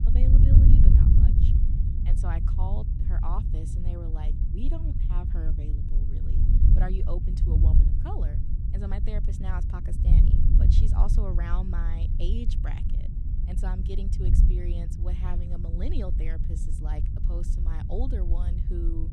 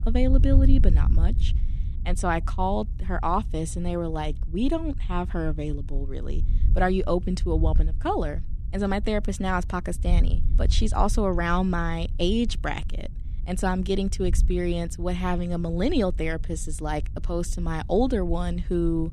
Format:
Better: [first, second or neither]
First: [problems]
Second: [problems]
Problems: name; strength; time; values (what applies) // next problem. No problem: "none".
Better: second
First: wind noise on the microphone; heavy; as loud as the speech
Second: wind noise on the microphone; occasional gusts; 20 dB below the speech